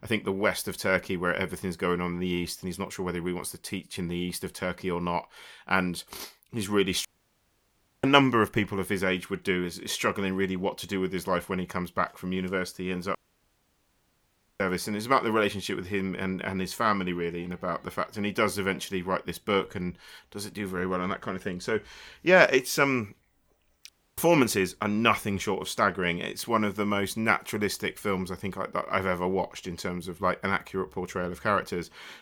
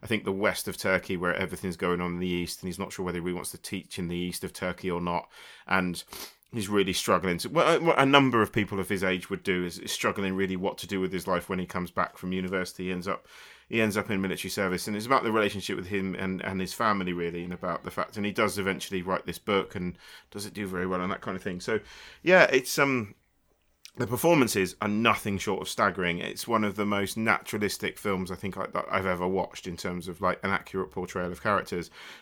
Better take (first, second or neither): second